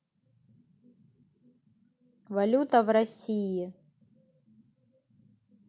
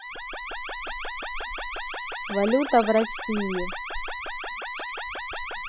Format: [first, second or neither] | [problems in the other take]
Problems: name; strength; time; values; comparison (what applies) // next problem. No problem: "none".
first | noise reduction (classical method spectral subtraction)